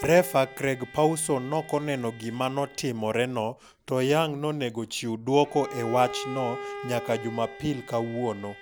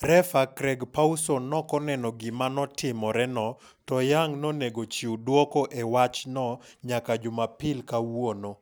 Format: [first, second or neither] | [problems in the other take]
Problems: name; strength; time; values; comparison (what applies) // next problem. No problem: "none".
second | background sound (Bowed string instrument); 15 dB below the speech